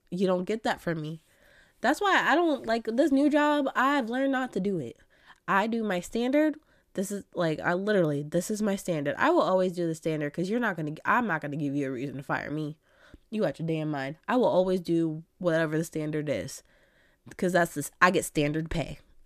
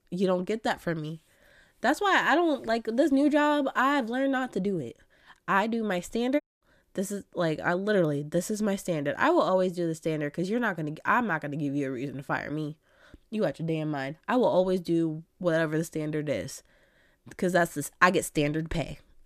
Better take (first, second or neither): first